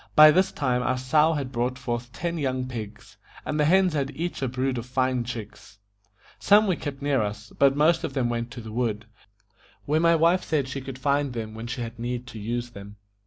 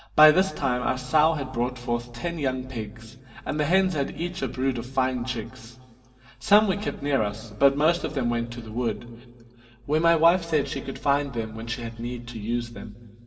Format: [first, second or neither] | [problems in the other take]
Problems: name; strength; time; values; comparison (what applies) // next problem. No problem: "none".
first | room echo; dies away in 2 s